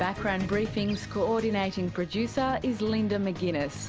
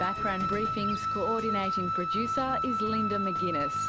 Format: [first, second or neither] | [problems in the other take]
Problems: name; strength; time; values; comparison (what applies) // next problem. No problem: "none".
first | background sound (Wind instrument, woodwind instrument); 2 dB above the speech